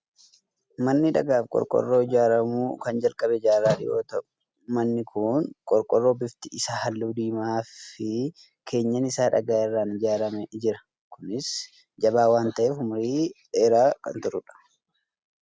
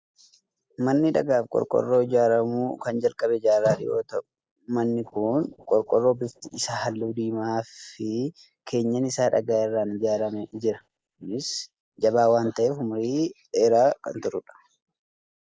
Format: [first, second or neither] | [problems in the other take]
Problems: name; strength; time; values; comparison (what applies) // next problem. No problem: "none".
first | noise reduction (neural mask model Resemble Enhance denoiser)